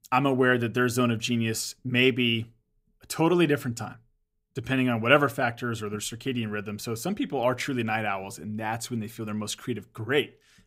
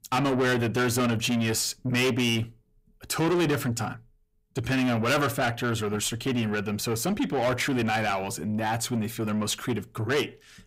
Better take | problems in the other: first | distortion; heavy; 6 dB below the speech

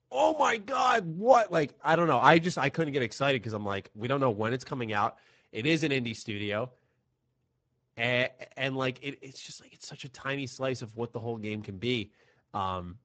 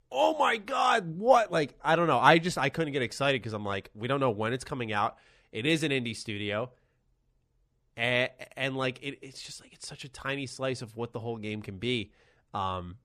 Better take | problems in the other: second | garbled, watery; badly; nothing above 7.5 kHz

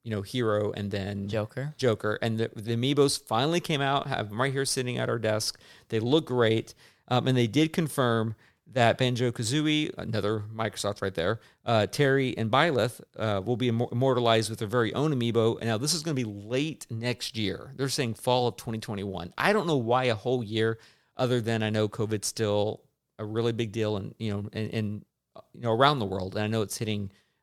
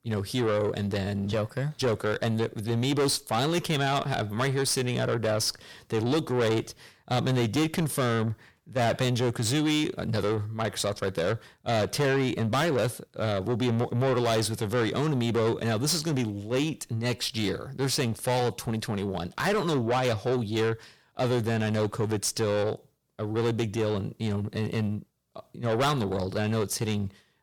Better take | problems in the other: first | distortion; heavy; 7 dB below the speech

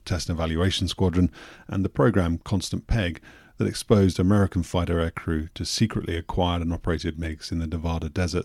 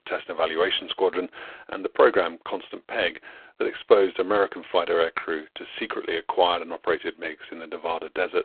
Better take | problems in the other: first | phone-call audio; poor line

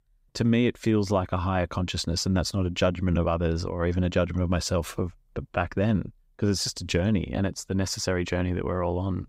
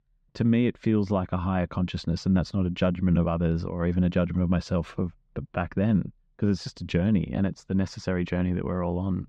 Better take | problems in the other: first | muffled; slightly; fading above 3.5 kHz

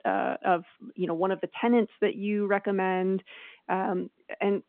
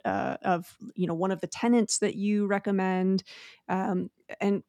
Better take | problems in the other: second | phone-call audio

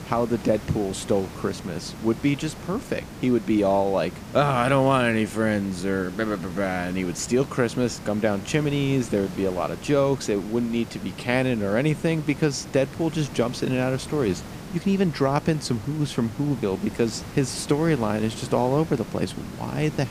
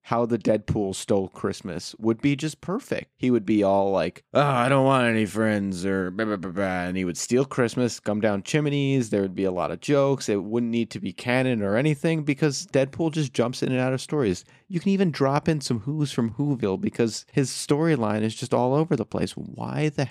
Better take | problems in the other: second | hiss; noticeable; throughout; 15 dB below the speech

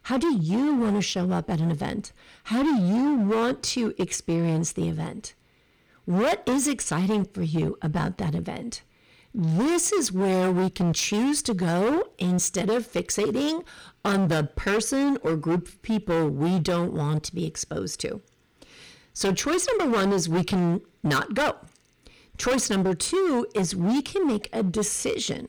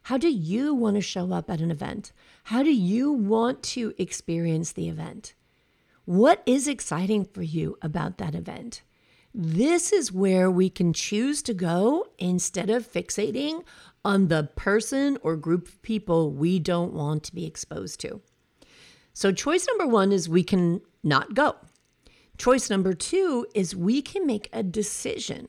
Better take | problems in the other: second | distortion; heavy; 18% of the sound clipped

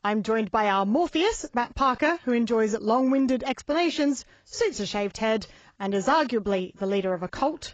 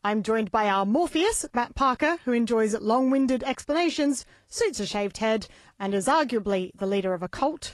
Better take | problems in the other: second | garbled, watery; badly; nothing above 7.5 kHz; slightly in the second

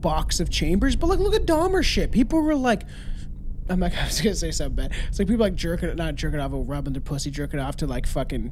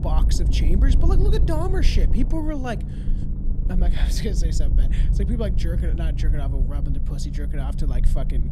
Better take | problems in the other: first | low rumble; loud; throughout; 7 dB below the speech; faint in the first

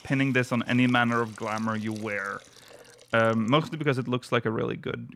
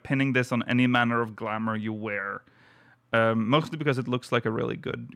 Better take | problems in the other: second | hiss; faint; throughout; 20 dB below the speech

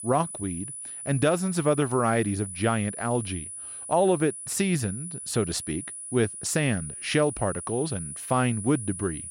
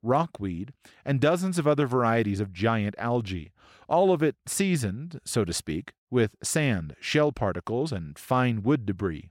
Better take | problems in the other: second | high-pitched whine; loud; throughout; 10 kHz, 9 dB below the speech

